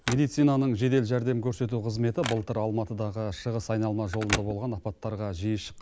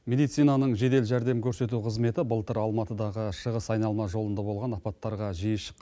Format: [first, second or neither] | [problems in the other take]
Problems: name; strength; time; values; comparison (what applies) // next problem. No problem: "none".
second | background sound (Telephone); 13 dB below the speech